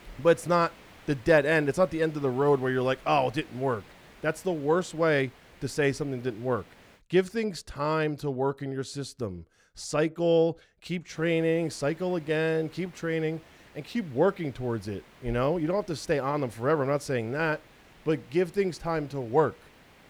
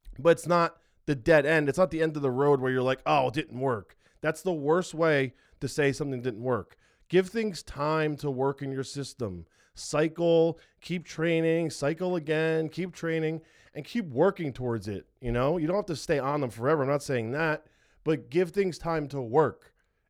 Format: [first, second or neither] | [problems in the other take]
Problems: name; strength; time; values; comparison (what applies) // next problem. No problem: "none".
second | hiss; faint; until 7 s and from 11 s on; 25 dB below the speech